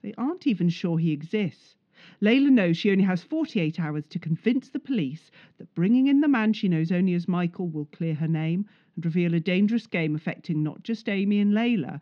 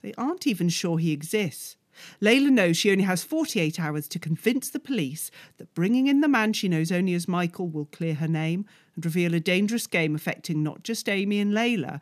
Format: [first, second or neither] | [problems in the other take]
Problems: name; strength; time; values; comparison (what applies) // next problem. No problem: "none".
second | muffled; slightly; fading above 4 kHz